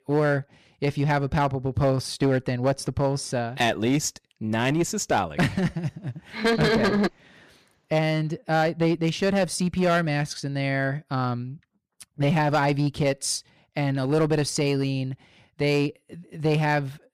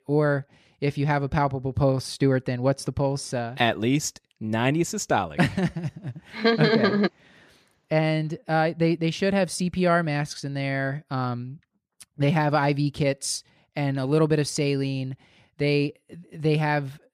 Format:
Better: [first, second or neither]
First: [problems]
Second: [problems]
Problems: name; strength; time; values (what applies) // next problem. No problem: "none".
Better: second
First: distortion; slight; 6% of the sound clipped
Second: none